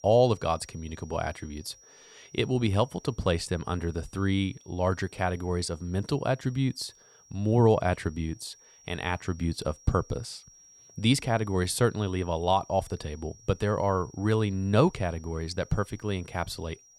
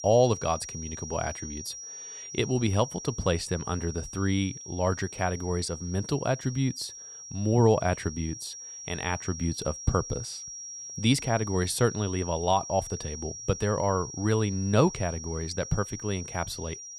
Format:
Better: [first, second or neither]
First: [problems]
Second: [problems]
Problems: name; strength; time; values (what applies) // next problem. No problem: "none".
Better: first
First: high-pitched whine; faint; throughout; 5.5 kHz, 25 dB below the speech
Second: high-pitched whine; loud; throughout; 5.5 kHz, 10 dB below the speech